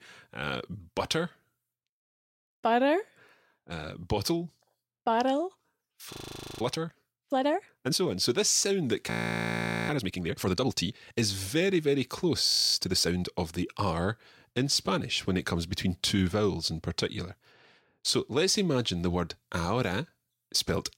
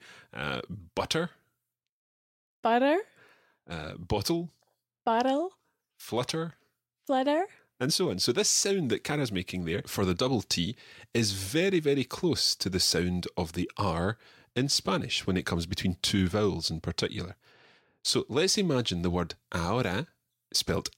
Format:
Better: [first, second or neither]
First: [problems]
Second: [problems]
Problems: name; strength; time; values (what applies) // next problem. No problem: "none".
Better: second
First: audio freezing; at 6 s, at 9 s for 1 s and at 12 s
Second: none